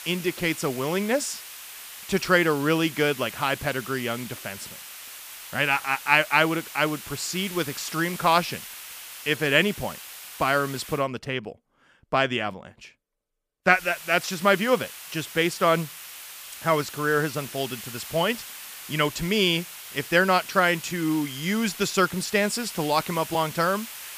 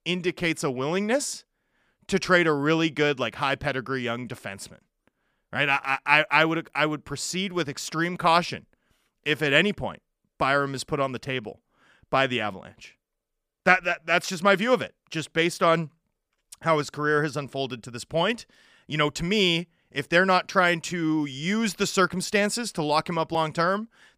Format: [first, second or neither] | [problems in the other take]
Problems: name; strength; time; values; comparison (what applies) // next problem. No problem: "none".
second | hiss; noticeable; until 11 s and from 14 s on; 15 dB below the speech